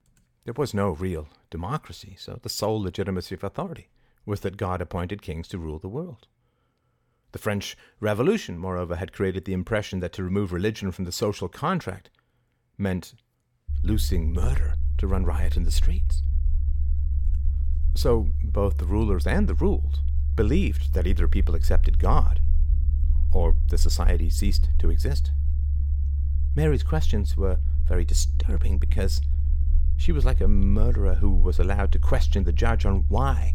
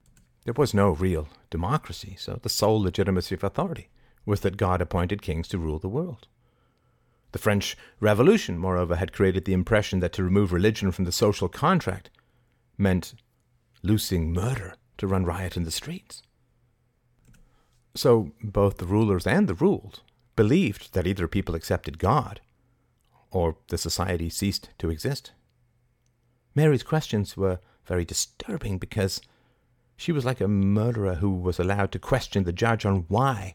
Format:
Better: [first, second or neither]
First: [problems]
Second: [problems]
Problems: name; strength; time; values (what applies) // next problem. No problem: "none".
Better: second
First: low rumble; noticeable; from 14 s on; 15 dB below the speech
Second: none